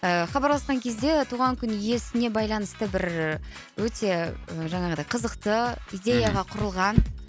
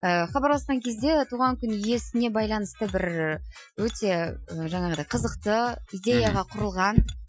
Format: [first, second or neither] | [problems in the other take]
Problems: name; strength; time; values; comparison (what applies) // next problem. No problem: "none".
first | noise reduction (classical method Wiener filter)